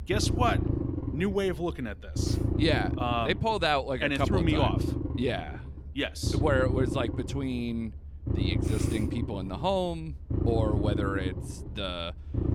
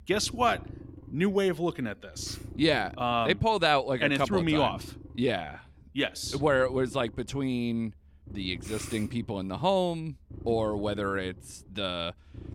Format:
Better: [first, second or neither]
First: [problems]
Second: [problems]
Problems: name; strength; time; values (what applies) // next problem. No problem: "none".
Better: second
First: low rumble; loud; throughout; 8 dB below the speech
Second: low rumble; faint; throughout; 25 dB below the speech